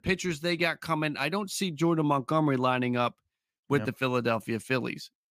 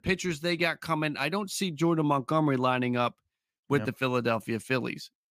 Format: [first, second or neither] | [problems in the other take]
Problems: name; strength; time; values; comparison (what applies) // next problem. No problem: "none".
neither | none